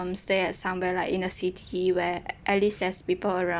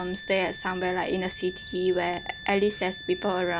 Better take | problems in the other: first | background sound (Wind instrument, woodwind instrument); 14 dB below the speech

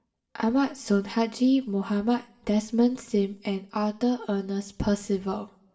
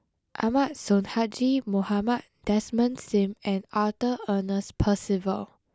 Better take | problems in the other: second | room echo; dies away in 0.4 s

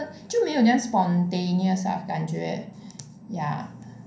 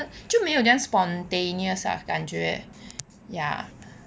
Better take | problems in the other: second | room echo; dies away in 0.6 s

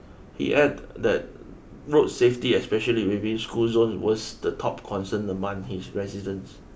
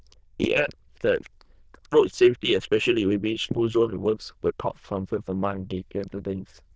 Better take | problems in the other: first | noise reduction (neural diffusion model UNIVERSE++)

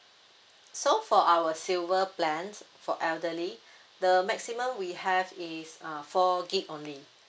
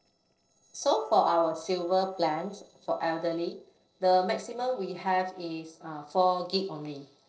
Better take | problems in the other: first | noise reduction (neural separator model SepFormer DNS4)

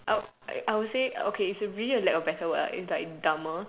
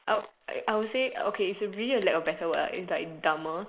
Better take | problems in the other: first | noise reduction (neural mask model Resemble Enhance denoiser)

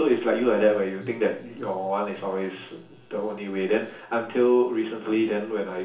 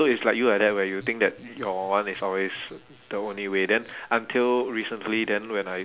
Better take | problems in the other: second | room echo; dies away in 0.7 s

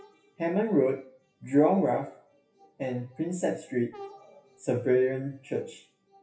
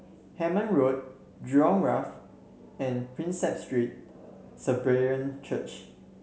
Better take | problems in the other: second | noise reduction (classical method WPE with log-MMSE)

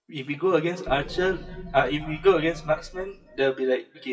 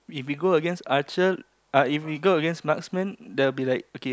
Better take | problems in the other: second | noise reduction (classical method WPE with log-MMSE)

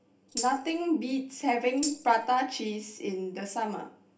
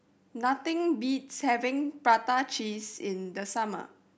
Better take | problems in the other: second | background sound (Tambourine); 10 dB below the speech // room echo; dies away in 0.3 s

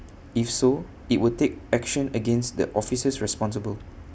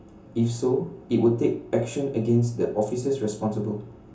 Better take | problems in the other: first | room echo; dies away in 0.6 s

